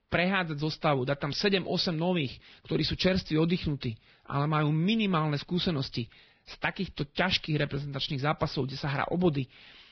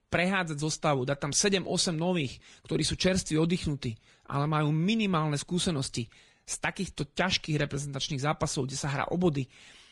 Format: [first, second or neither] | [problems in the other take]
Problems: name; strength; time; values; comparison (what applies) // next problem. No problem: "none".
second | garbled, watery; badly; nothing above 5.5 kHz; slightly in the second